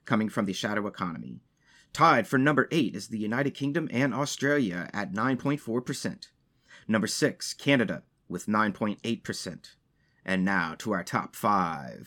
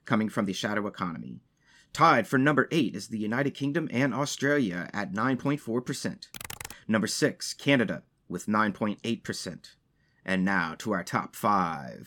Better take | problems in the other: first | keyboard typing; faint; at 6.5 s; peak 10 dB below the speech

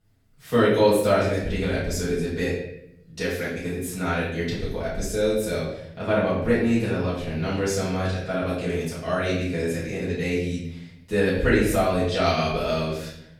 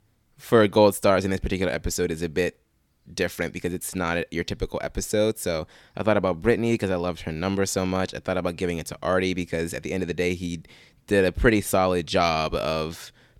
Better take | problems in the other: second | room echo; noticeable; dies away in 0.8 s // off-mic speech; far

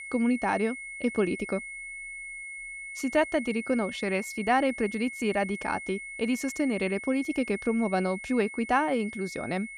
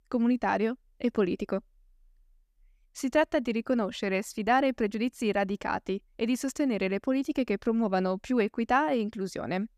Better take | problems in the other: second | high-pitched whine; loud; throughout; 2 kHz, 9 dB below the speech

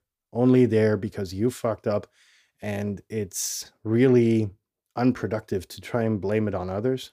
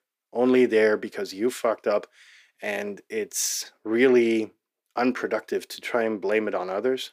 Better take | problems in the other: first | thin; somewhat; fading below 300 Hz

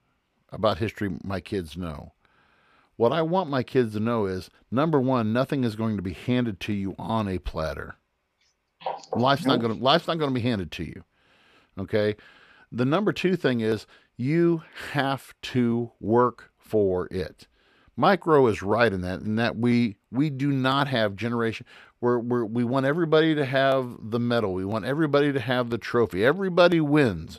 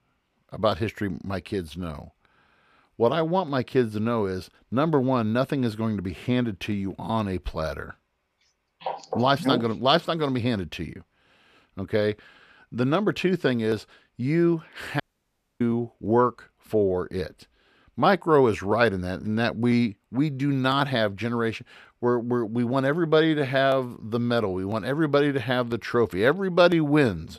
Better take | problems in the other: first | audio cutting out; at 15 s for 0.5 s

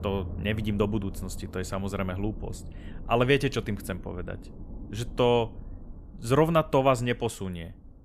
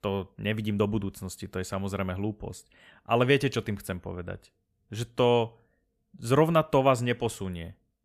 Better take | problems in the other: second | low rumble; faint; throughout; 25 dB below the speech

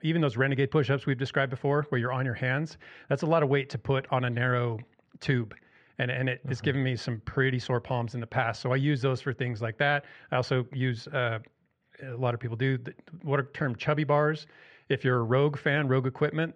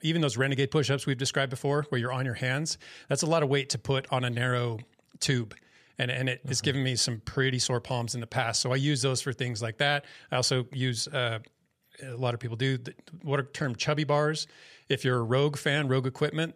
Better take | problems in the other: second | muffled; very; fading above 2 kHz

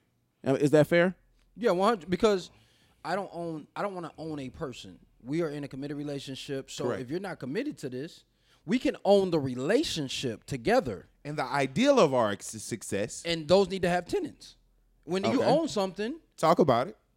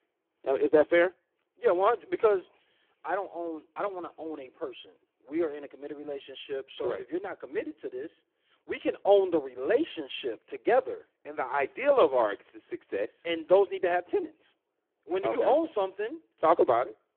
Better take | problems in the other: first | phone-call audio; poor line

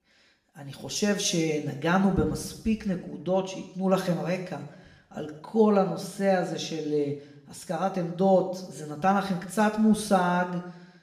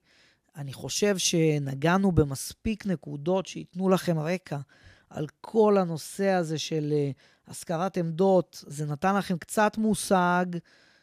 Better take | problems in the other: second | room echo; slight; dies away in 0.8 s // off-mic speech; somewhat distant

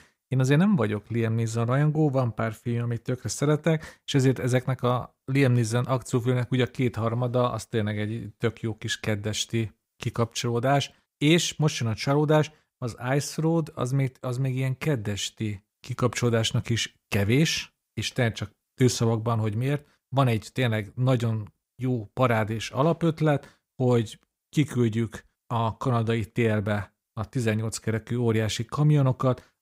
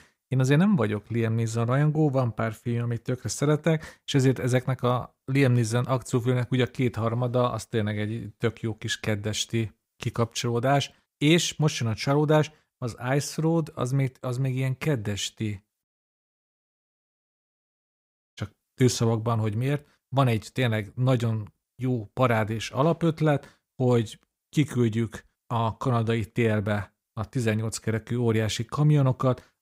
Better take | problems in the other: first | audio cutting out; at 16 s for 2.5 s

